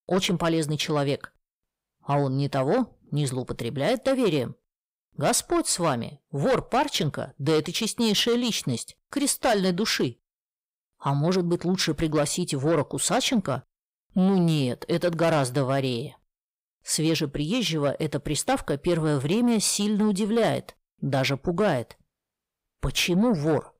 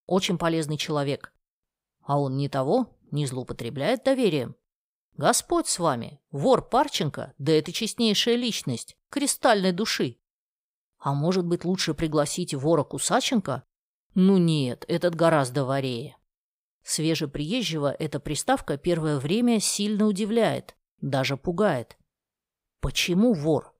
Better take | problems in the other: second | distortion; slight; 10 dB below the speech

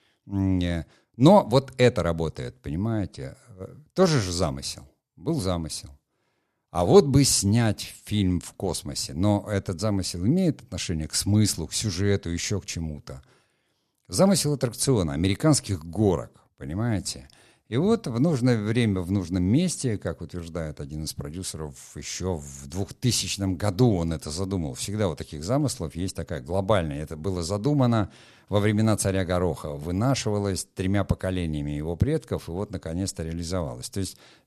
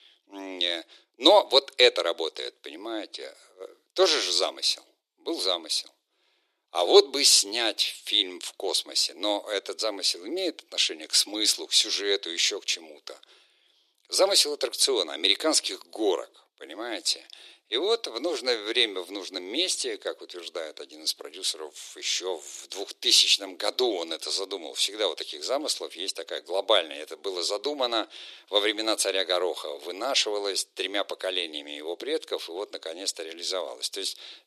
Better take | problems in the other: first | thin; very; fading below 350 Hz

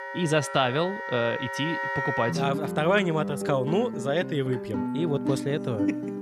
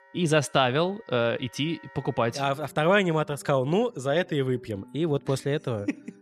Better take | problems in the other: second | background music; loud; throughout; 4 dB below the speech; faint in the second

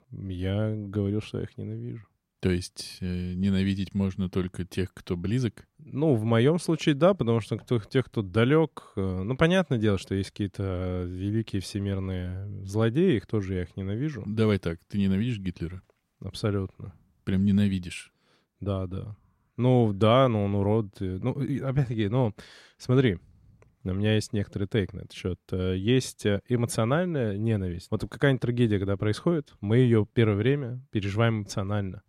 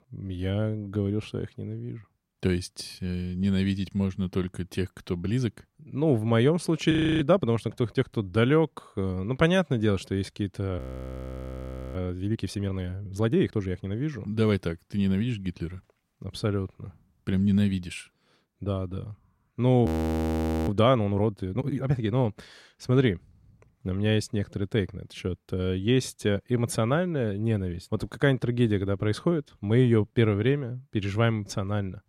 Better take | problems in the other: first | audio freezing; at 7 s, at 11 s for 1 s and at 20 s for 1 s

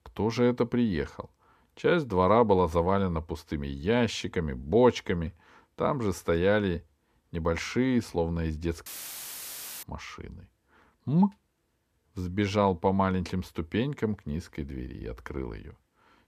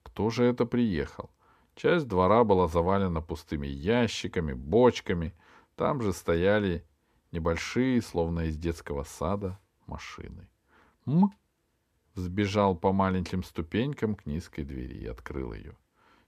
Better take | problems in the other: second | audio cutting out; filled with static; at 9 s for 1 s

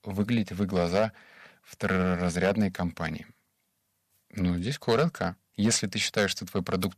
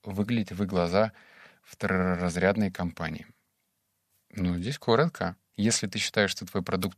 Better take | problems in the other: second | distortion; slight; 1.5% of the sound clipped

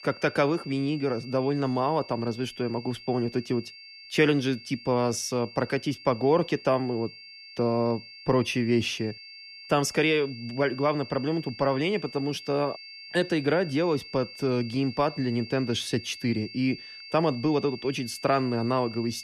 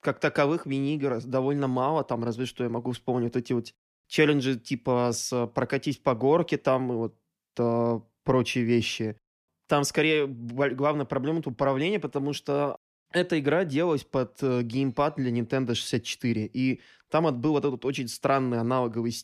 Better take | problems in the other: second | high-pitched whine; noticeable; throughout; 4.5 kHz, 15 dB below the speech

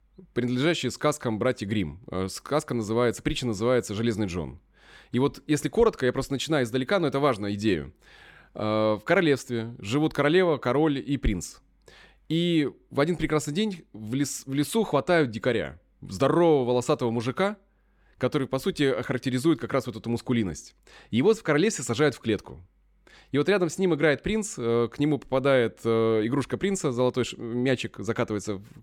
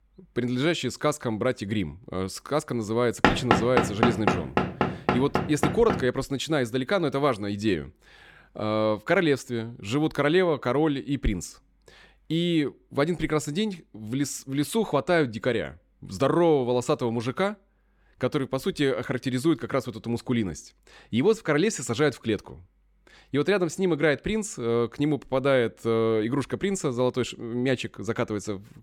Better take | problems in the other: first | door banging; loud; from 3 to 6 s; peak 5 dB above the speech

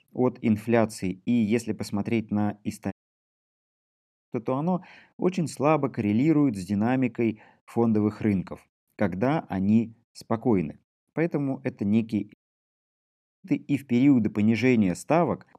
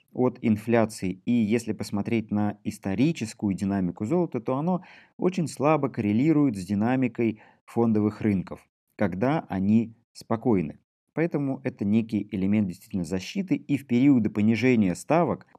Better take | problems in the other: second | audio cutting out; at 3 s for 1.5 s and at 12 s for 1 s

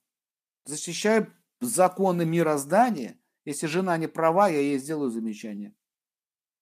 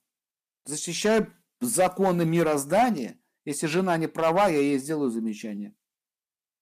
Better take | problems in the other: first | distortion; slight; 3% of the sound clipped

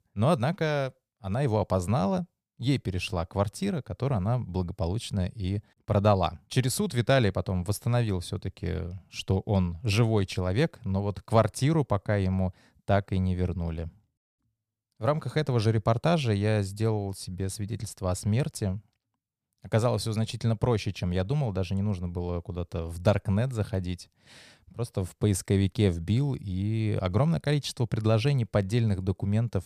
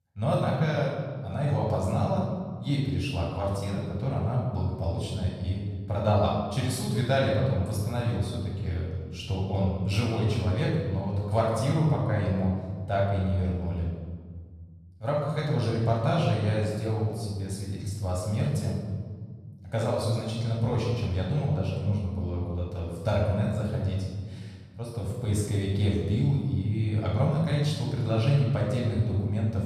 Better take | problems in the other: first | off-mic speech; far // room echo; noticeable; dies away in 1.5 s

